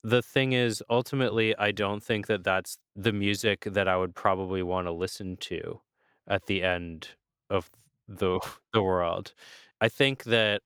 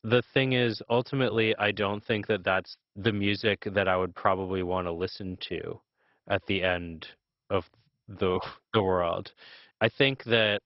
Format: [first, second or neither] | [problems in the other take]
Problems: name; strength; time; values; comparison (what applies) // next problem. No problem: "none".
first | garbled, watery; badly; nothing above 5.5 kHz